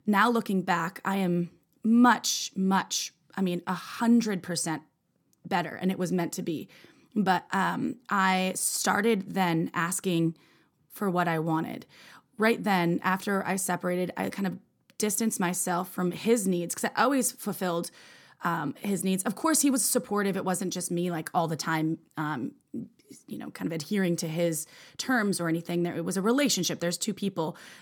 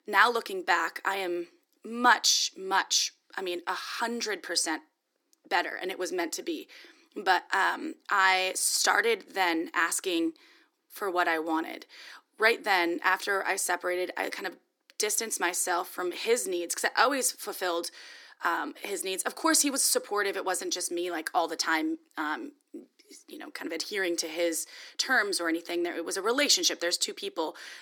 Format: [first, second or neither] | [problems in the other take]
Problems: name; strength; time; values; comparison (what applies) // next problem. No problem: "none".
first | thin; very; fading below 300 Hz